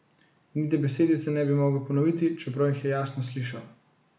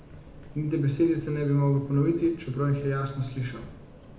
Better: first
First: none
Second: background sound (Subway, metro, underground); 18 dB below the speech // room echo; dies away in 0.6 s

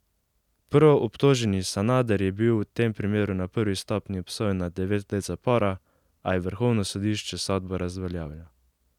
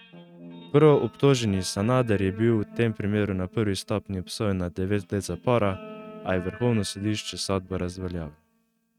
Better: first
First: none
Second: noise reduction (neural mask model RNNoise)

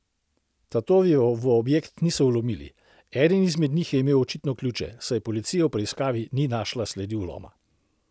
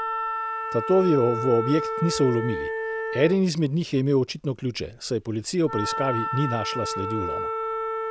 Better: first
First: none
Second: background sound (Wind instrument, woodwind instrument); 5 dB below the speech

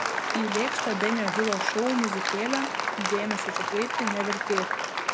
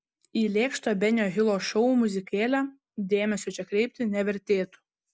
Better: second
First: background sound (Applause); 1 dB above the speech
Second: none

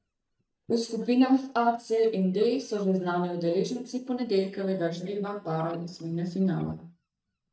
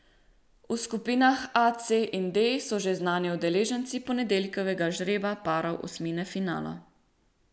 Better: second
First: noise reduction (neural mask model DeepFilterNet 3)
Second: none

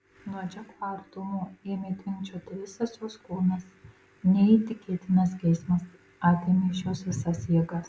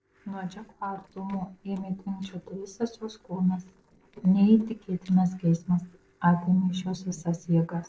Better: first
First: none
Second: noise reduction (neural separator model SepFormer DNS4)

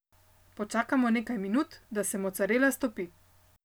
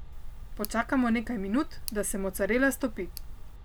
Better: first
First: none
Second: background sound (Tick); 8 dB below the speech

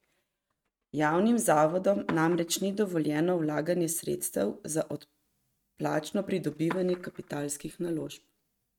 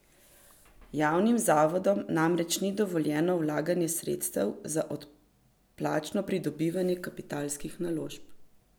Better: second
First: noise reduction (neural mask model RNNoise)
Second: none

